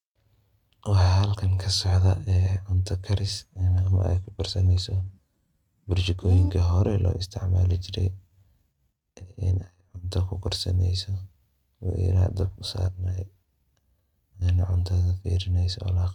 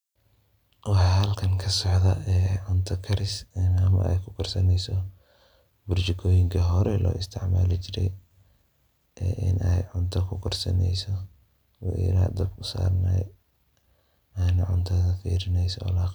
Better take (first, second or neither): second